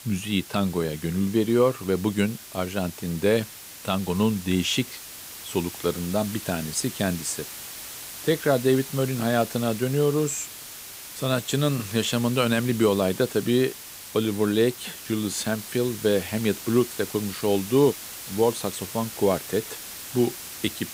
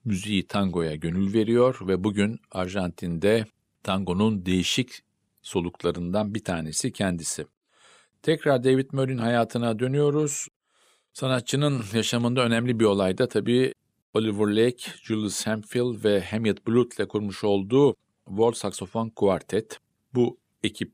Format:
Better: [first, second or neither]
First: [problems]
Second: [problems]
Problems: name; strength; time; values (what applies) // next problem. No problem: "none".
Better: second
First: hiss; noticeable; throughout; 10 dB below the speech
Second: none